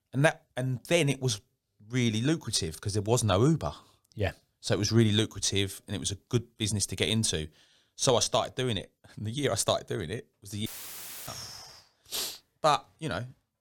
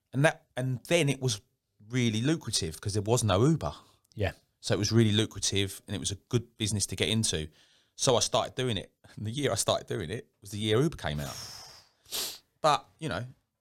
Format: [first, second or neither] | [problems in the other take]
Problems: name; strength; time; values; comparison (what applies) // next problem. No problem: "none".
second | audio cutting out; filled with static; at 11 s for 0.5 s